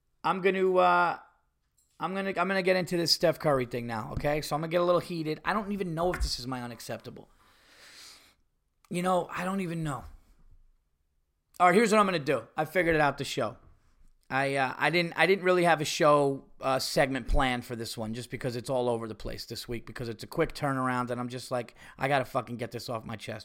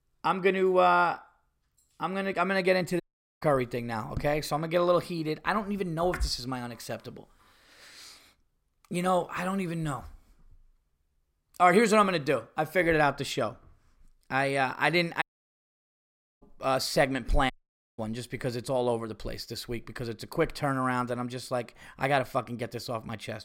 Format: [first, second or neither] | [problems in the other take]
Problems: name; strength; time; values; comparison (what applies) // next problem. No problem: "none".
first | audio cutting out; at 3 s, at 15 s for 1 s and at 18 s